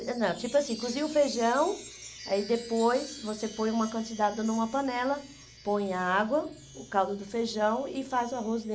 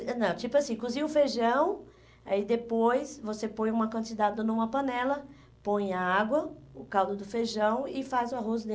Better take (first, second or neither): second